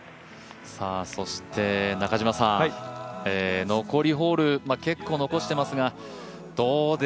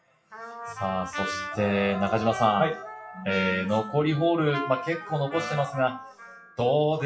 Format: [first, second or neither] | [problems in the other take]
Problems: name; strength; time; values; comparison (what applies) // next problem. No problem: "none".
first | noise reduction (classical method WPE with log-MMSE)